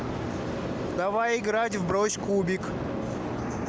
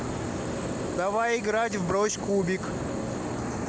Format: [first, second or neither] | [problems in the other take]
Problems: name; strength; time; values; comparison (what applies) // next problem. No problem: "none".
first | background sound (Boiling); 18 dB below the speech